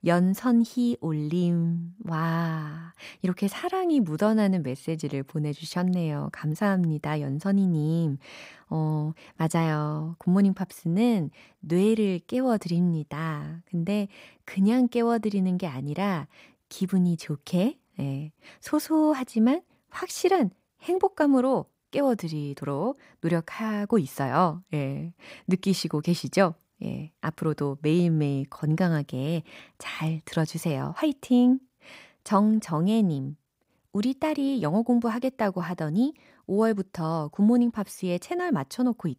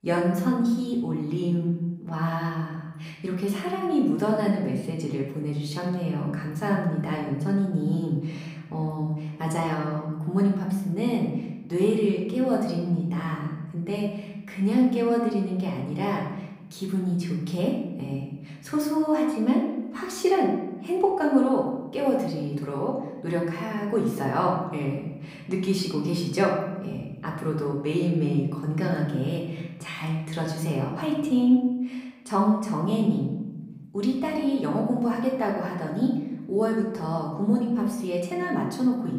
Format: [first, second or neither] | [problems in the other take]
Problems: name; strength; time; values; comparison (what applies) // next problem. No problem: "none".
first | room echo; noticeable; dies away in 0.9 s // off-mic speech; far